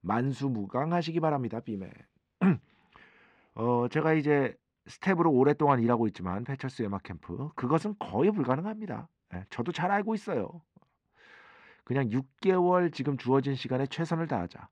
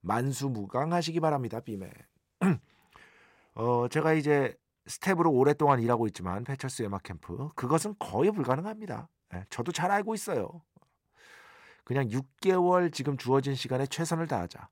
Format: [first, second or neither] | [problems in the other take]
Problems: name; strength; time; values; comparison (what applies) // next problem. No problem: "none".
second | muffled; slightly; fading above 3 kHz